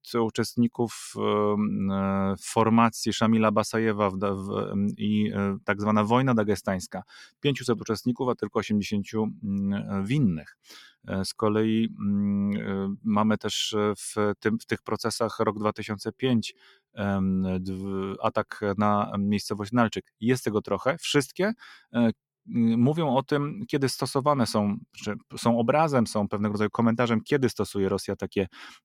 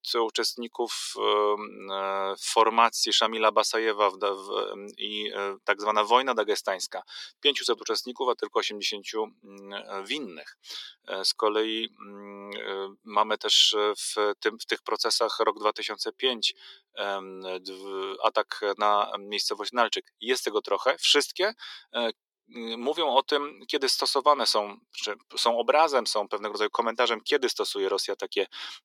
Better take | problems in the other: first | thin; very; fading below 350 Hz

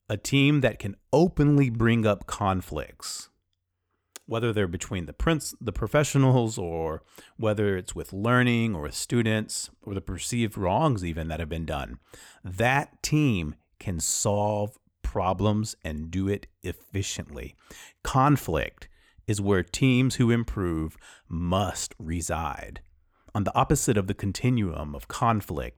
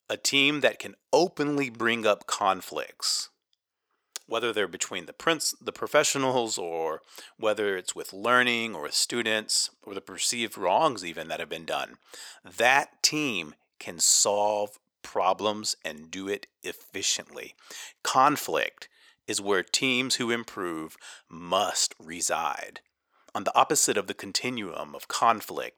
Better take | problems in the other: first | thin; somewhat; fading below 450 Hz

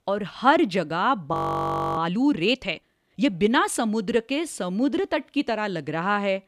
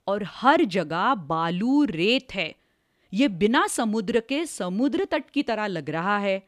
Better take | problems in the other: second | audio freezing; at 1.5 s for 0.5 s

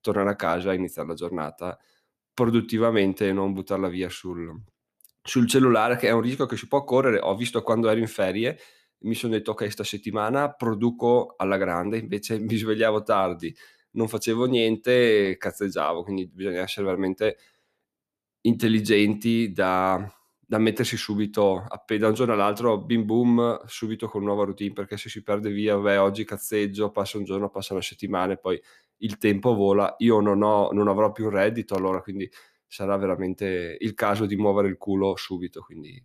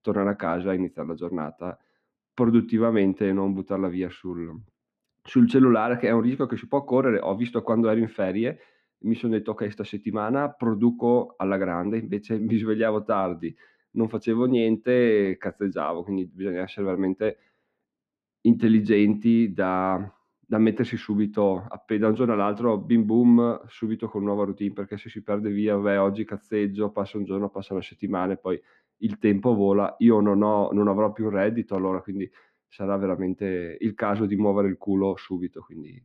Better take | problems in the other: first | muffled; very; fading above 2 kHz

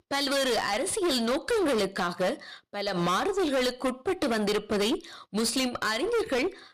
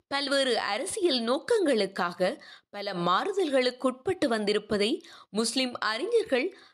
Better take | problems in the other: second | distortion; heavy; 23% of the sound clipped

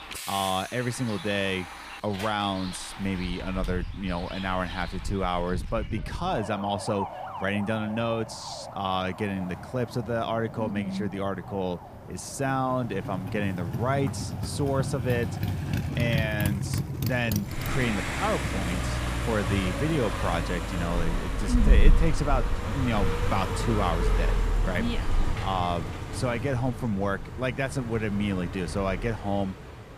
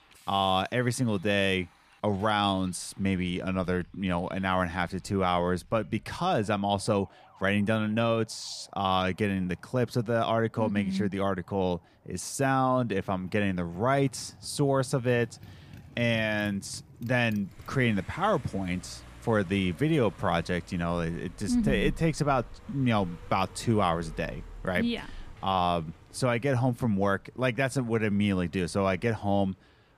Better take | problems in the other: second | traffic noise; loud; throughout; 2 dB below the speech; faint in the second

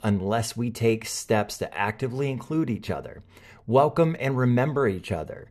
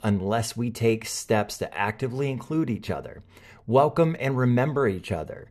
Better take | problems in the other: neither | none

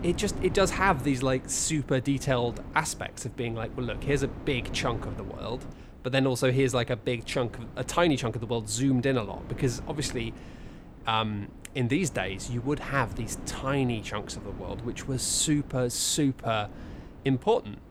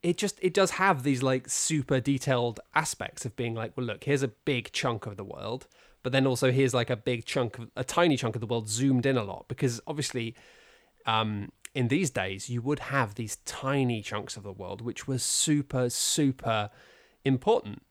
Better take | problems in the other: second | wind noise on the microphone; occasional gusts; 20 dB below the speech

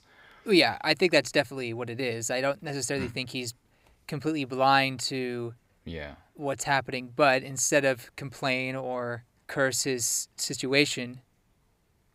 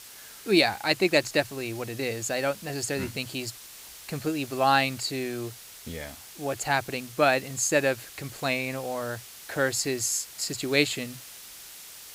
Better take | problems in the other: first | hiss; noticeable; throughout; 15 dB below the speech

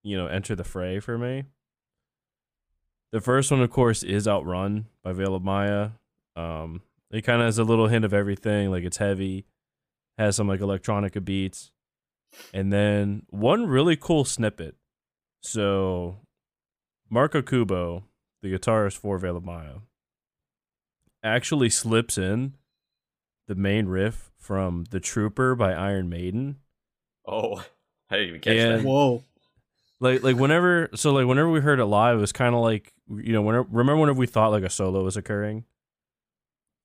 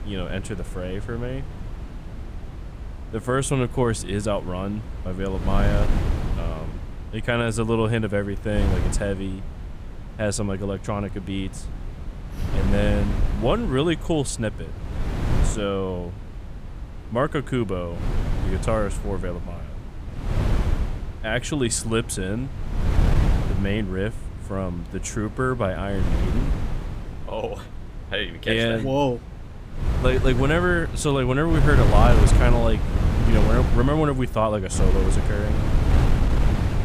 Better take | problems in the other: first | wind noise on the microphone; heavy; 8 dB below the speech

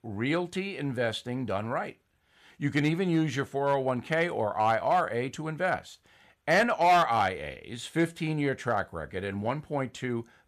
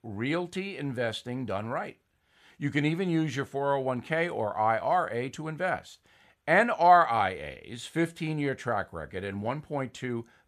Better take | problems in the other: second | distortion; slight; 1.6% of the sound clipped

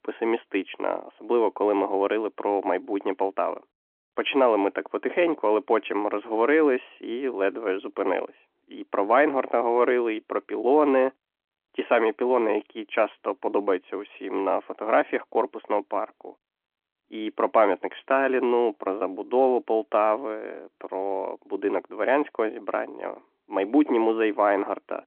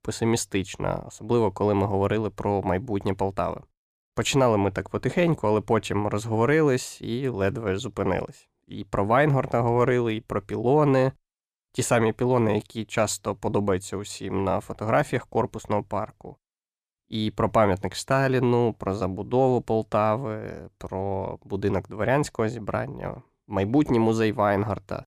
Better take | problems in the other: second | phone-call audio

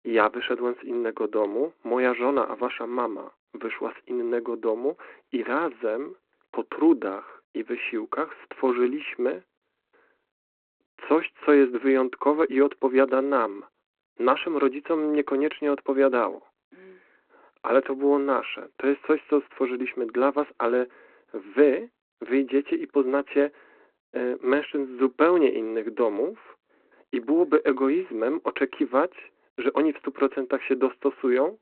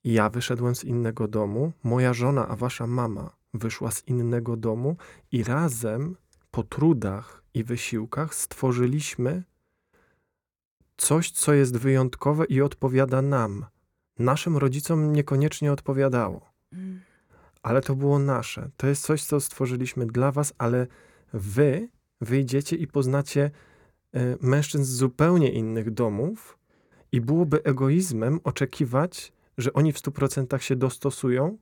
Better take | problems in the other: second | phone-call audio

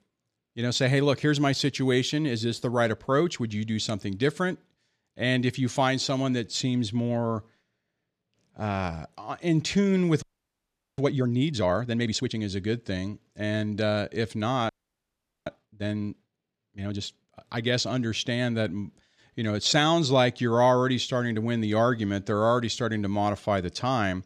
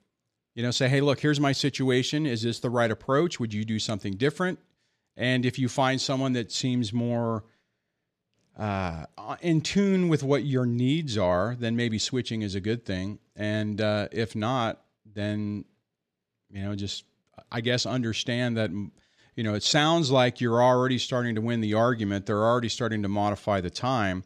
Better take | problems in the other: second | audio freezing; at 10 s for 1 s and at 15 s for 1 s

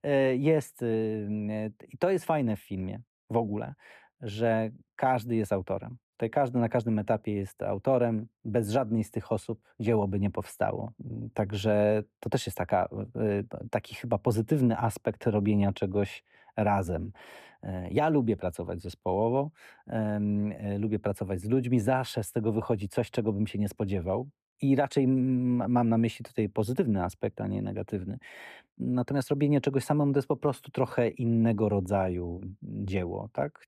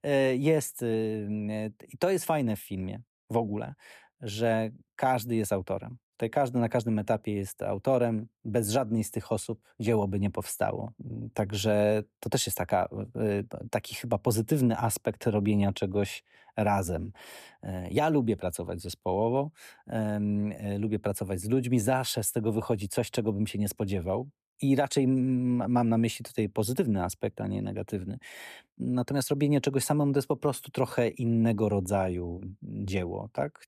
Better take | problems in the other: second | muffled; slightly; fading above 3.5 kHz

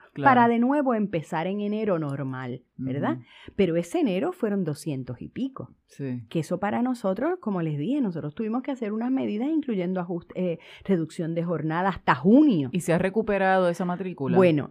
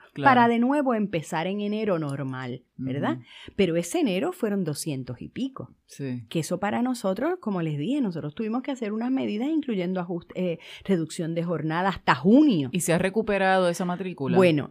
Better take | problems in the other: second | muffled; slightly; fading above 2.5 kHz

